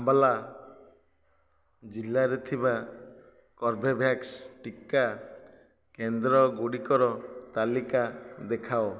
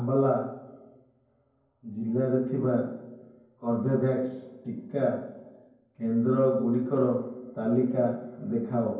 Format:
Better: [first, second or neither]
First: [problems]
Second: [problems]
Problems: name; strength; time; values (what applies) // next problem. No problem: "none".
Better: first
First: none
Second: room echo; dies away in 0.9 s